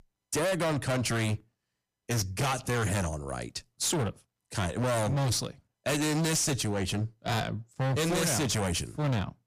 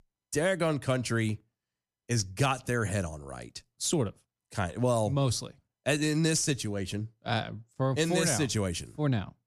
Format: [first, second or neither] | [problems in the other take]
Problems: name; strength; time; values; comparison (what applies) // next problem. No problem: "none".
second | distortion; heavy; 24% of the sound clipped